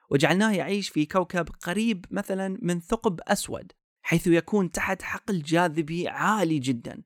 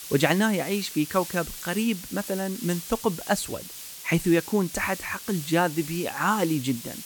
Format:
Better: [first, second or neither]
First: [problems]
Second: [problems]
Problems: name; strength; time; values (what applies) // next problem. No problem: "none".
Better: first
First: none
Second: hiss; noticeable; throughout; 10 dB below the speech